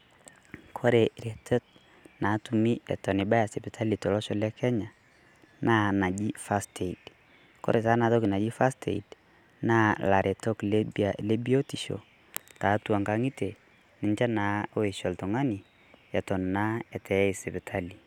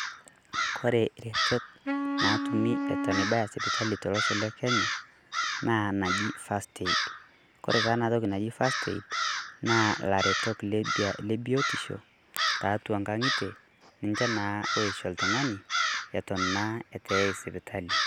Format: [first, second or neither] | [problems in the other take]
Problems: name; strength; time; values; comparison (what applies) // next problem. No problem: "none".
first | background sound (Wind instrument, woodwind instrument + Crow); 1 dB below the speech